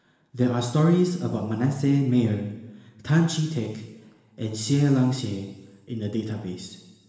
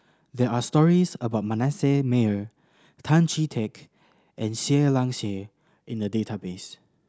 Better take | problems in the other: second | room echo; dies away in 1.3 s

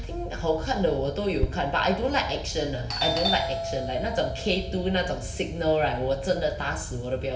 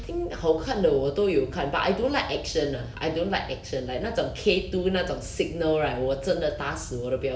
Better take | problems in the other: second | background sound (Doorbell); 9 dB below the speech // room echo; dies away in 0.9 s

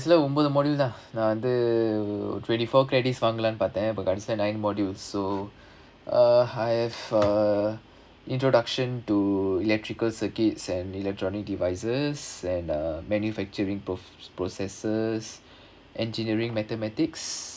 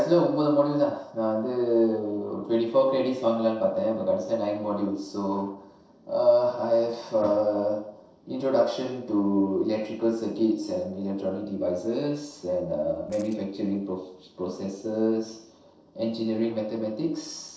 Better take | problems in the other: first | noise reduction (neural separator model SepFormer DNS4)

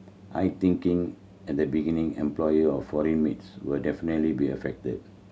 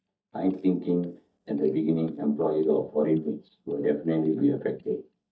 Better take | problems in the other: first | noise reduction (neural mask model DeepFilterNet 3)

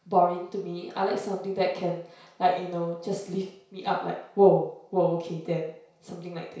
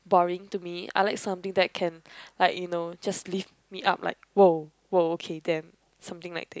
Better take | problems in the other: second | room echo; dies away in 0.6 s

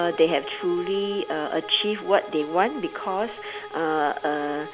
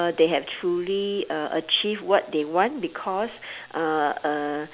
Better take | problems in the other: second | background sound (Bowed string instrument); 12 dB below the speech

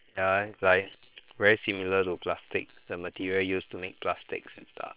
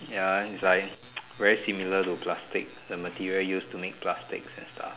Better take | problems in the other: second | noise reduction (neural separator model SepFormer WHAM!)

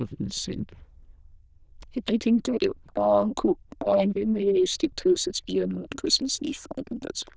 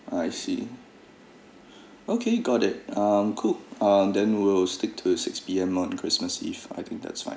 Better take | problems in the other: second | noise reduction (neural diffusion model UNIVERSE++)

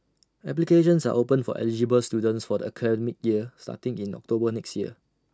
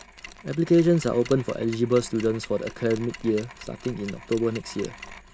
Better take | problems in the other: first | background sound (Mechanisms); 17 dB below the speech

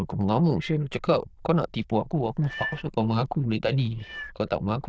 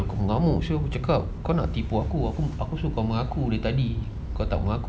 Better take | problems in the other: second | noise reduction (neural diffusion model UNIVERSE++)

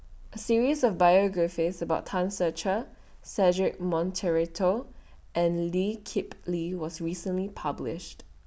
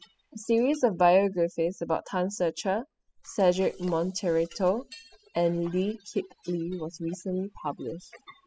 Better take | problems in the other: first | noise reduction (classical method spectral subtraction)

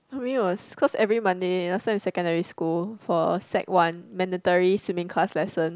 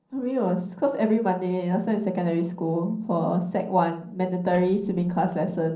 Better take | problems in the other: first | noise reduction (neural separator model SepFormer DNS4)

